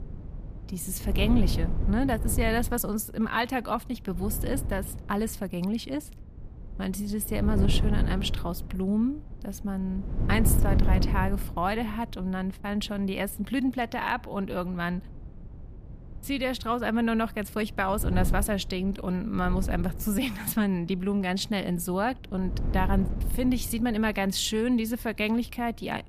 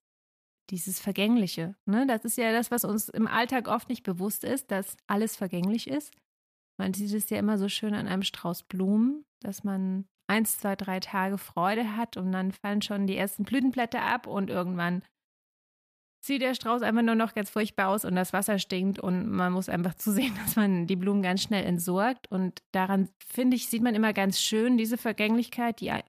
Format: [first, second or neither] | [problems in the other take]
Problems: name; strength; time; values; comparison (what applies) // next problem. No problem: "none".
second | wind noise on the microphone; occasional gusts; 10 dB below the speech